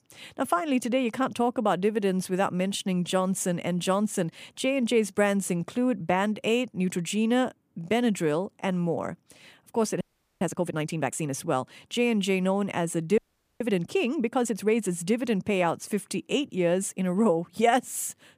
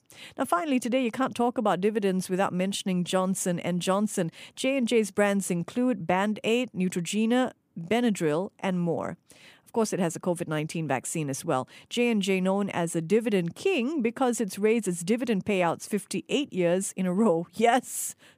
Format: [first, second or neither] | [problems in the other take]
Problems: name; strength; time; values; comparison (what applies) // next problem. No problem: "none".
second | audio freezing; at 10 s and at 13 s